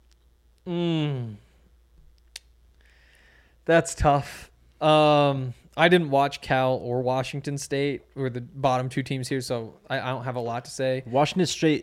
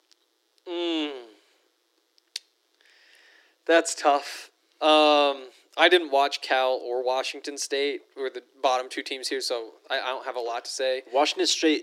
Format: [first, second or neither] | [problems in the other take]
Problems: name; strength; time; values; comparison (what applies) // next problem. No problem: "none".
first | thin; somewhat; fading below 300 Hz